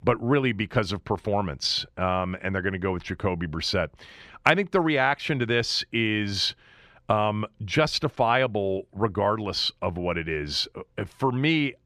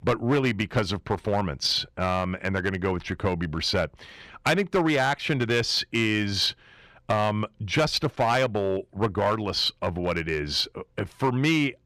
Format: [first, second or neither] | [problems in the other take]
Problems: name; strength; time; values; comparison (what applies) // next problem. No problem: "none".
first | distortion; slight; 4% of the sound clipped